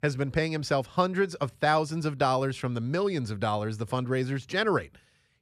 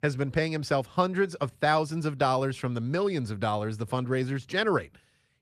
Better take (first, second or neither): first